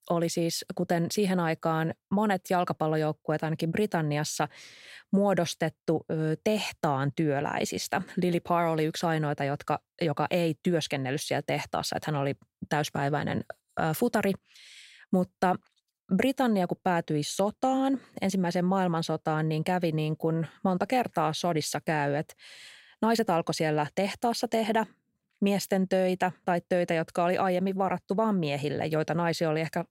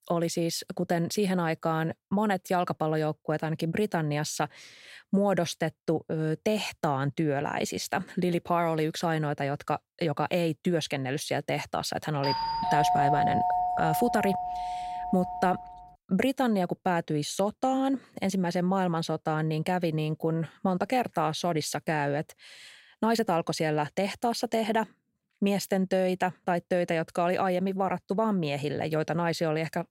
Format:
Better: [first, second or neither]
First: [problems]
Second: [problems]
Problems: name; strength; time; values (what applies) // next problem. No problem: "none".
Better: first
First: none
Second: doorbell; loud; from 12 to 16 s; peak 4 dB above the speech